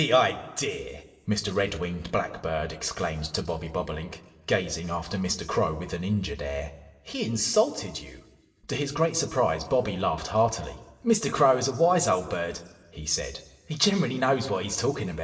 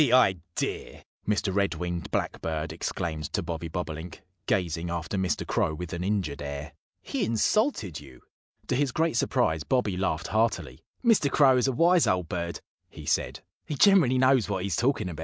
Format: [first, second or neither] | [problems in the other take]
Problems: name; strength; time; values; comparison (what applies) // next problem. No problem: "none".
second | room echo; dies away in 1.2 s